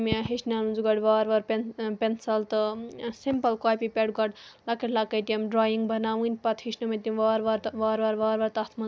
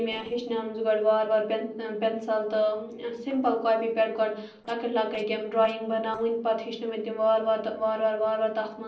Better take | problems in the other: first | noise reduction (neural separator model SepFormer DNS4)

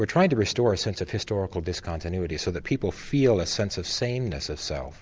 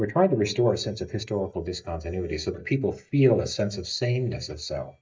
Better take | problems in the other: first | noise reduction (neural mask model DeepFilterNet 3)

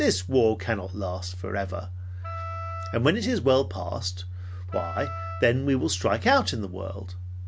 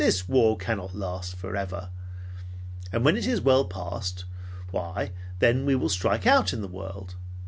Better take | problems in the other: second | background sound (Wind instrument, woodwind instrument); 12 dB below the speech

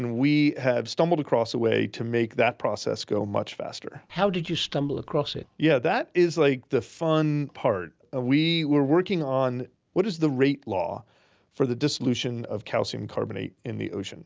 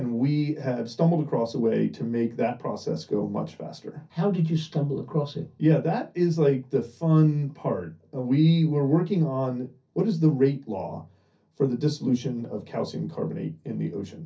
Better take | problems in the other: first | room echo; dies away in 0.3 s

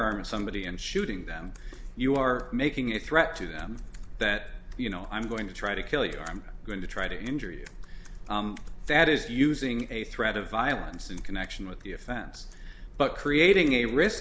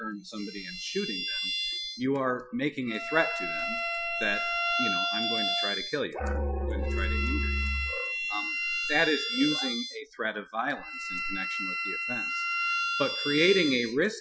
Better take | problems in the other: first | noise reduction (classical method Wiener filter)

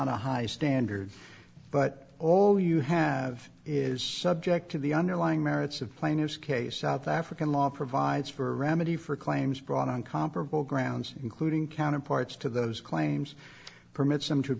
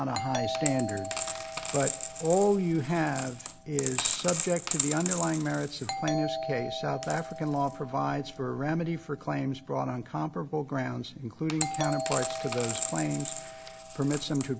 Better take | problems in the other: first | background sound (Coin (dropping) + Doorbell); 5 dB below the speech

